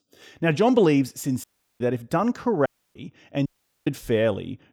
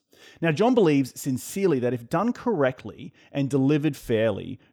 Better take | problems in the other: second | audio cutting out; at 1.5 s, at 2.5 s and at 3.5 s

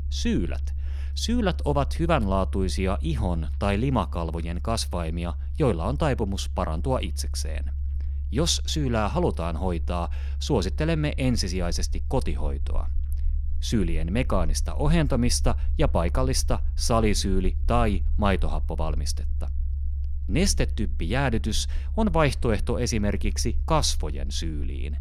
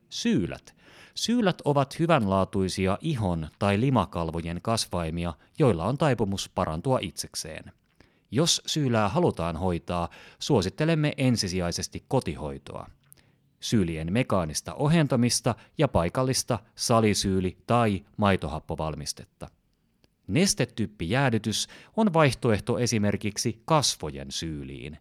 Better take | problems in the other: second | low rumble; faint; throughout; 20 dB below the speech

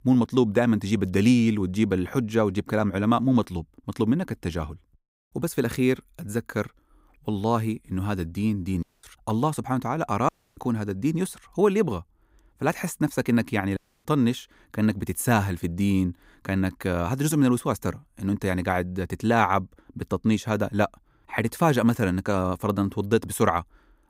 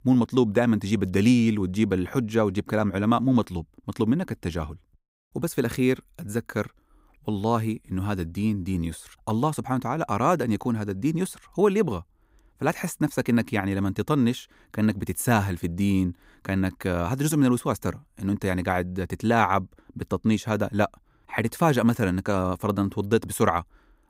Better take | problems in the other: second | audio cutting out; at 9 s, at 10 s and at 14 s

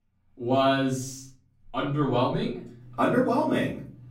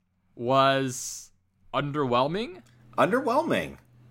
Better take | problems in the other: second | off-mic speech; far // room echo; slight; dies away in 0.5 s

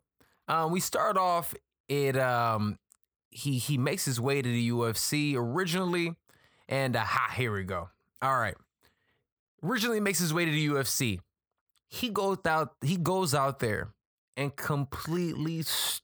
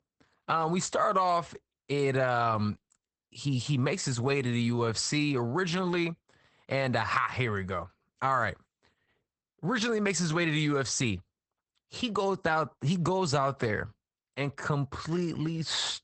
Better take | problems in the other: first | garbled, watery; badly; nothing above 8 kHz

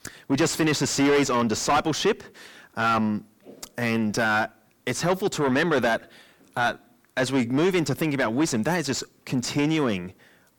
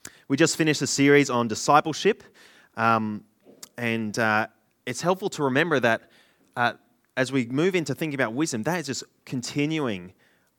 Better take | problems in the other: second | distortion; heavy; 6 dB below the speech

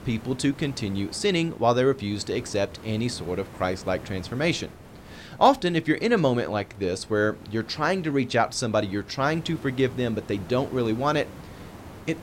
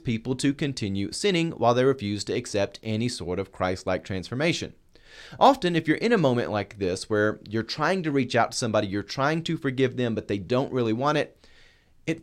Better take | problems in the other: second | hiss; noticeable; throughout; 20 dB below the speech

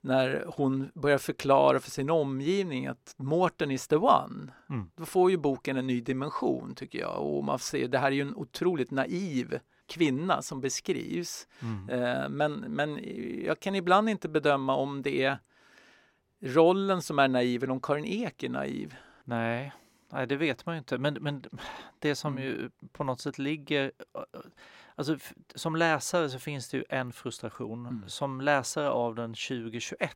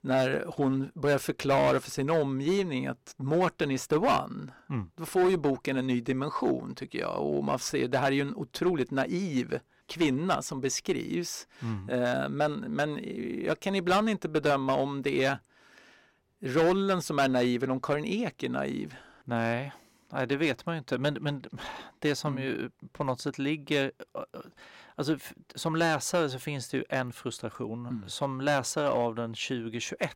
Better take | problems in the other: first | distortion; slight; 4% of the sound clipped

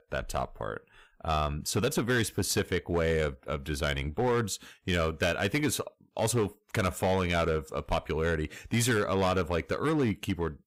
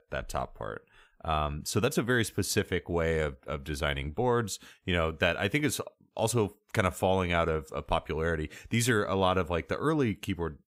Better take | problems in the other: second | distortion; slight; 6% of the sound clipped

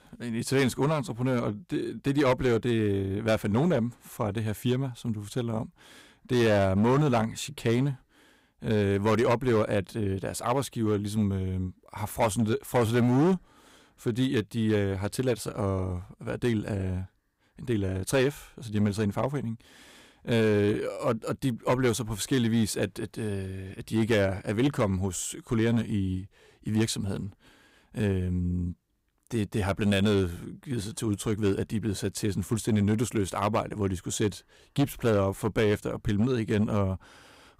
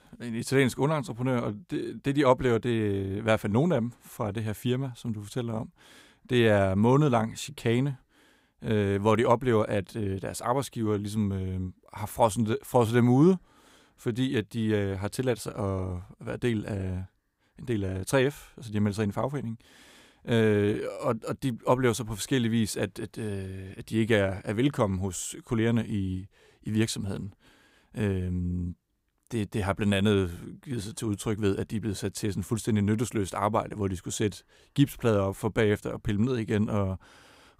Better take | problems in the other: second | distortion; slight; 4% of the sound clipped

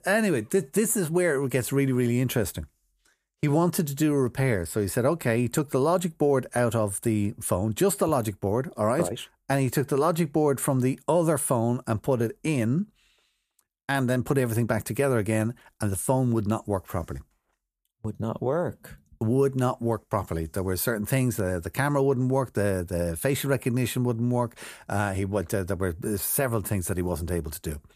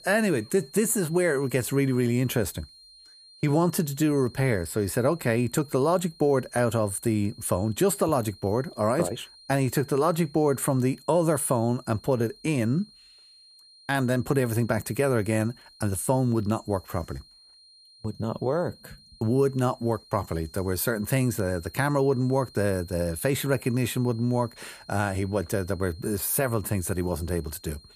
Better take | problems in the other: first | high-pitched whine; faint; throughout; 4 kHz, 25 dB below the speech

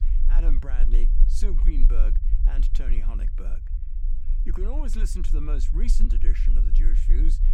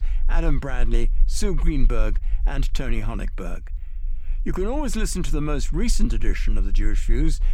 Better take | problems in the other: second | low rumble; loud; throughout; 8 dB below the speech; faint in the second

